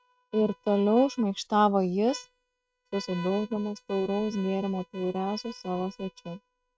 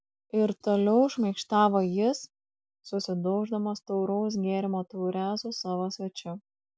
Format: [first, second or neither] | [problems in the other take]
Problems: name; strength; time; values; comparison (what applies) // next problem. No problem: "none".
second | noise reduction (neural mask model RNNoise)